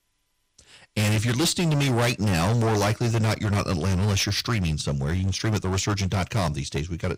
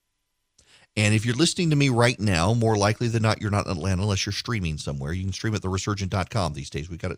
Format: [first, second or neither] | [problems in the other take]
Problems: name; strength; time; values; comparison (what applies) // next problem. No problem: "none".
second | distortion; heavy; 22% of the sound clipped